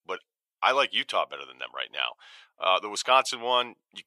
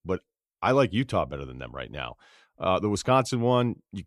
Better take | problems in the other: second | thin; very; fading below 850 Hz

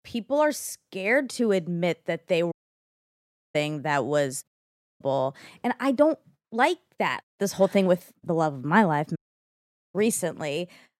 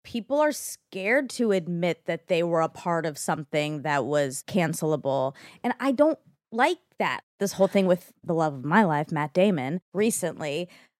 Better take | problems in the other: second | audio cutting out; at 2.5 s for 1 s, at 4.5 s for 0.5 s and at 9 s for 1 s

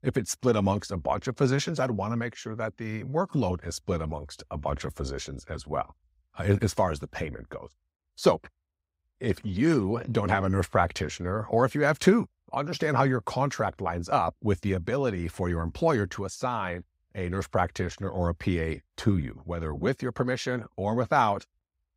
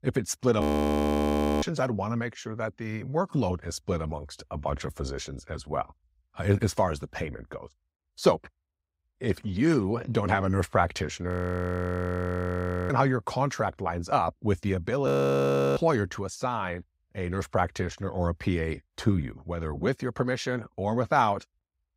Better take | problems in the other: first | audio freezing; at 0.5 s for 1 s, at 11 s for 1.5 s and at 15 s for 0.5 s

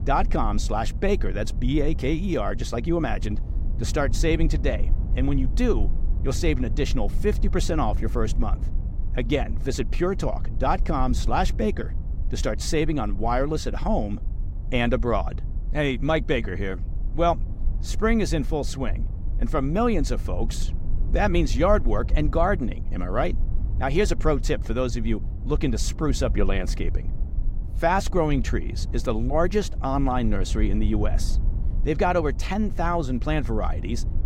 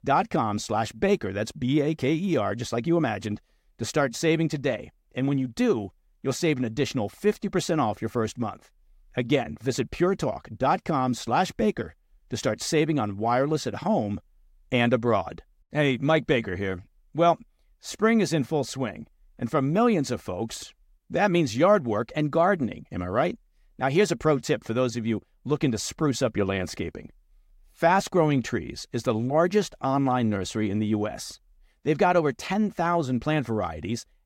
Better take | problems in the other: second | low rumble; noticeable; throughout; 20 dB below the speech

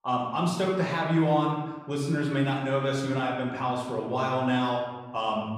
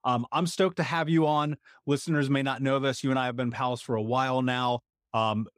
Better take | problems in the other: second | room echo; noticeable; dies away in 1 s // off-mic speech; far

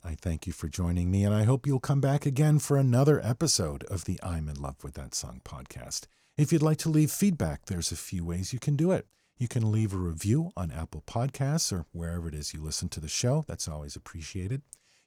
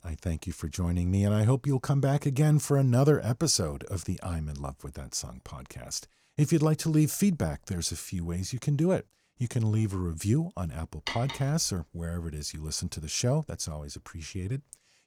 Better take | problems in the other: first | clattering dishes; noticeable; at 11 s; peak 7 dB below the speech

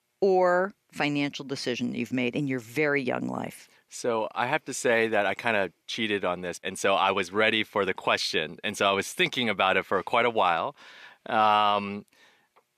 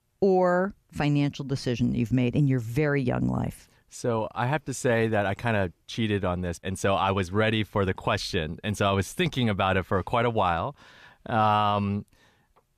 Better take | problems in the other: second | thin; somewhat; fading below 300 Hz

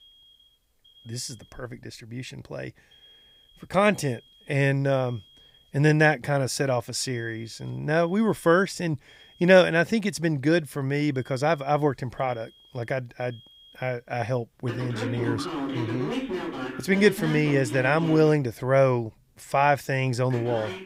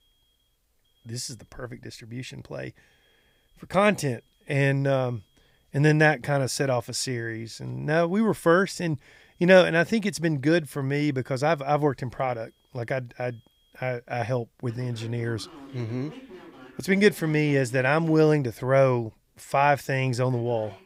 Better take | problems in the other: second | alarms or sirens; loud; throughout; 8 dB below the speech; faint in the second

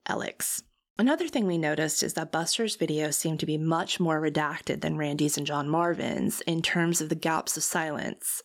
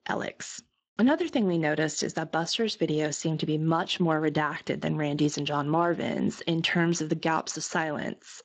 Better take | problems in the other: first | garbled, watery; slightly; nothing above 7.5 kHz

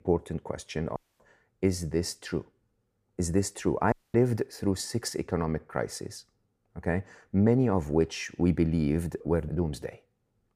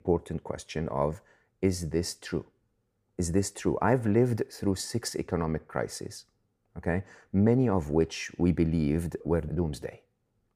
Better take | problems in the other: second | audio cutting out; at 1 s and at 4 s

